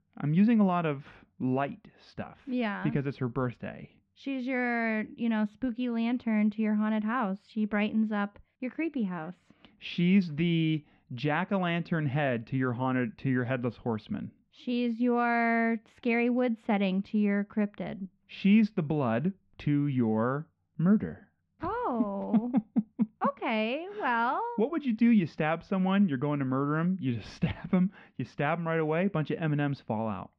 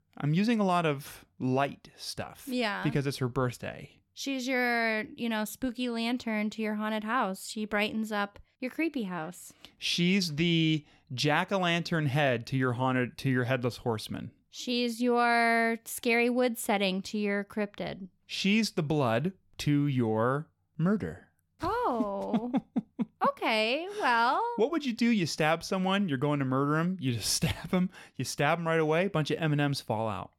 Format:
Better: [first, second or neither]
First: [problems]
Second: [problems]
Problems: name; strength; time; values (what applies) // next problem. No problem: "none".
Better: second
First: muffled; very; fading above 2.5 kHz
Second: none